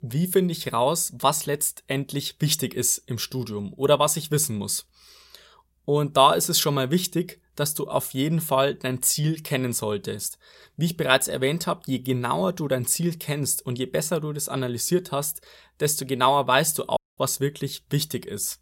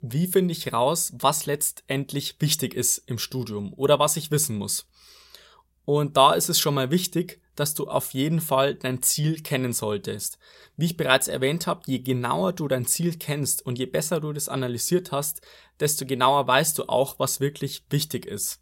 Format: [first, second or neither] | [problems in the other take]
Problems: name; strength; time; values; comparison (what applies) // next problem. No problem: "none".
second | audio cutting out; at 17 s